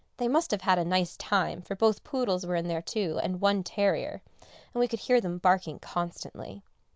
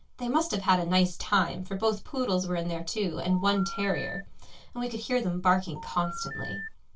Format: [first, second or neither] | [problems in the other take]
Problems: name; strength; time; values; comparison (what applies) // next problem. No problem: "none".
first | background sound (Telephone); 10 dB below the speech // room echo; dies away in 0.2 s